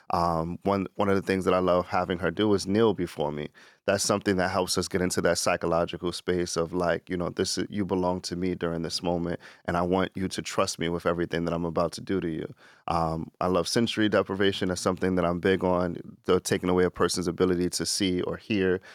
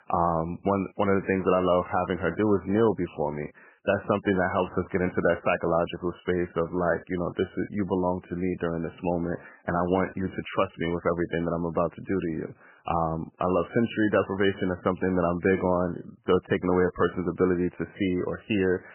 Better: first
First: none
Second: garbled, watery; badly; nothing above 3 kHz

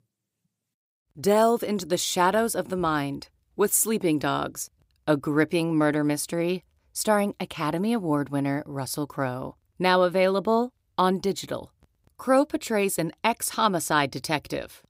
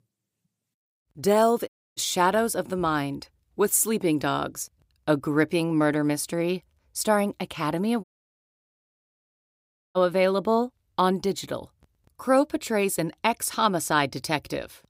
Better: first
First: none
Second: audio cutting out; at 1.5 s and at 8 s for 2 s

